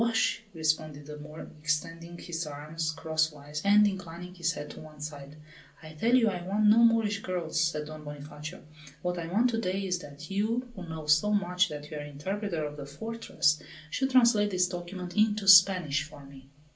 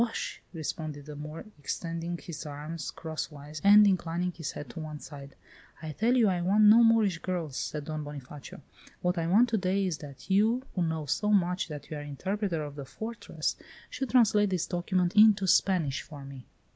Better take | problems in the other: second | room echo; dies away in 0.3 s

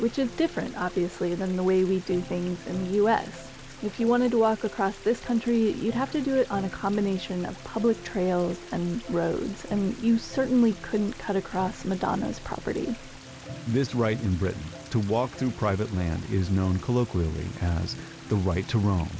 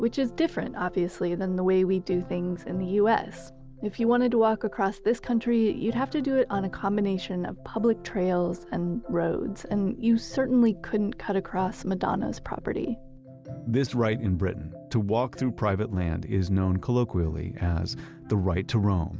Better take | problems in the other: second | background sound (Stream); 20 dB below the speech

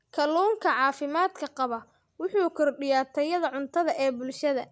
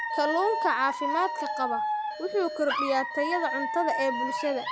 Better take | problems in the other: first | background sound (Alarm / Dog); 2 dB below the speech

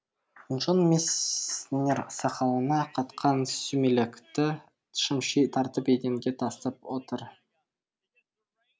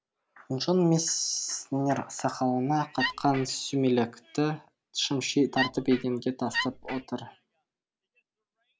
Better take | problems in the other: first | background sound (Wood); 5 dB below the speech

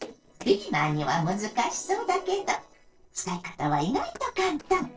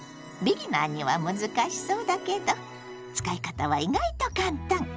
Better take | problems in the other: second | noise reduction (neural separator model SepFormer DNS4)

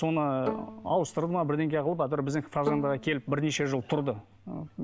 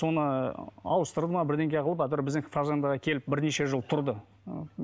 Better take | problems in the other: second | background sound (Bowed string instrument); 12 dB below the speech

